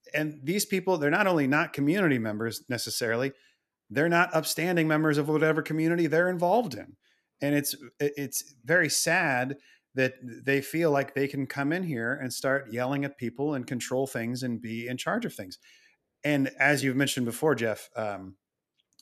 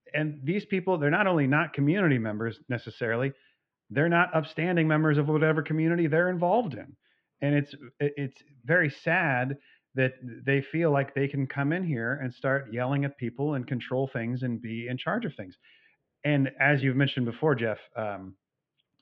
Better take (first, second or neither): first